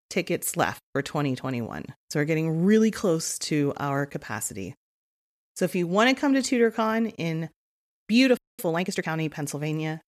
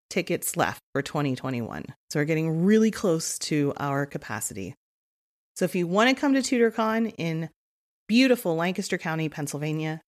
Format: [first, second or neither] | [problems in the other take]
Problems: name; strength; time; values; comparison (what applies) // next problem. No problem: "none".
second | audio freezing; at 8.5 s